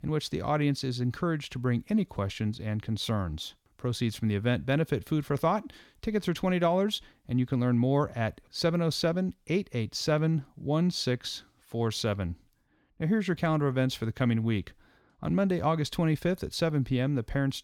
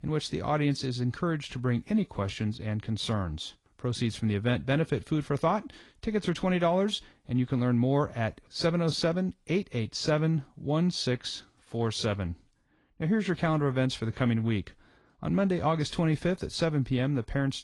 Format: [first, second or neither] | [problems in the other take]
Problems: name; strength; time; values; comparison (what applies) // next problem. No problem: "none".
first | garbled, watery; slightly; nothing above 10.5 kHz